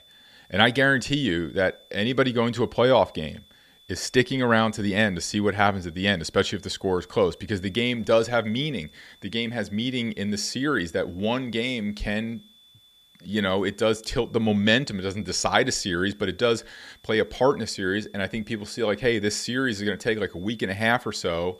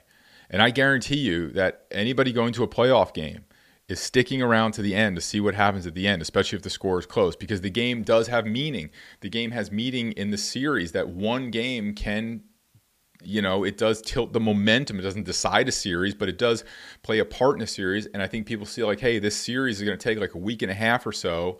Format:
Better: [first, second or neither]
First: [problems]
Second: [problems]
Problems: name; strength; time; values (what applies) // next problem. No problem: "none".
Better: second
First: high-pitched whine; faint; throughout; 3.5 kHz, 30 dB below the speech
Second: none